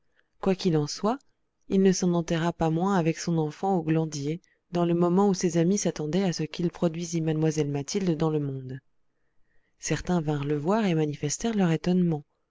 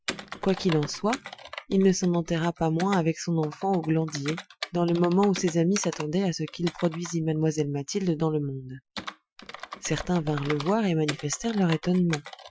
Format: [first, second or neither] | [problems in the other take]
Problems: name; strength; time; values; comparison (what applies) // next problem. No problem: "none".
first | noise reduction (classical method Wiener filter)